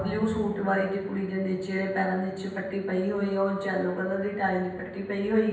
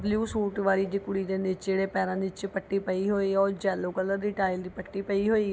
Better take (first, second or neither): second